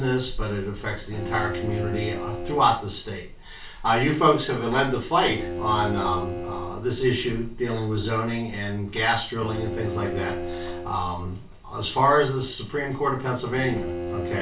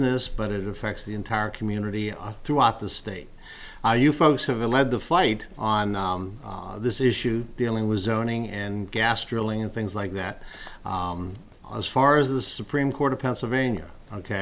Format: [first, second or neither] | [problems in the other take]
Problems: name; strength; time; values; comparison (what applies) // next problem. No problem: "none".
second | background sound (Bowed string instrument); 10 dB below the speech // room echo; dies away in 0.3 s